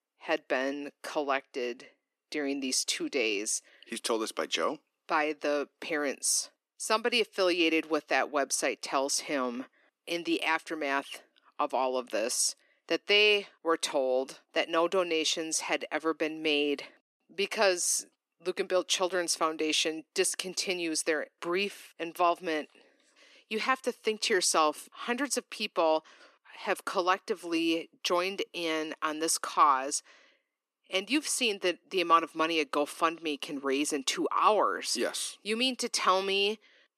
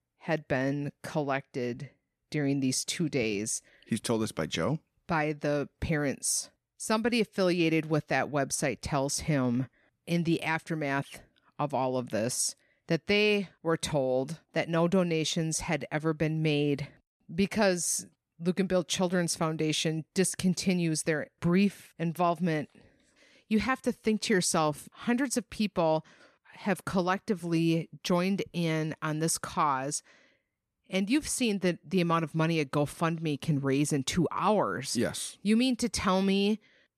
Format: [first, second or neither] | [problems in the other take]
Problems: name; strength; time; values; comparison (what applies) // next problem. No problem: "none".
second | thin; somewhat; fading below 300 Hz